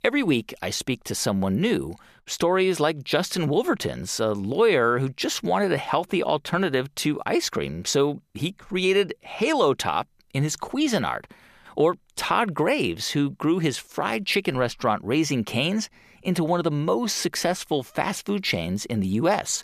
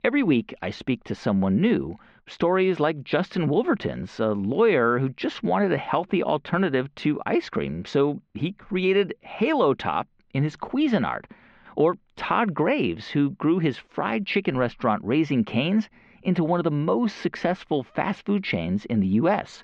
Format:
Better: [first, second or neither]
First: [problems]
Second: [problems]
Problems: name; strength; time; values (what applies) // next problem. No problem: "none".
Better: first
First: none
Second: muffled; very; fading above 3 kHz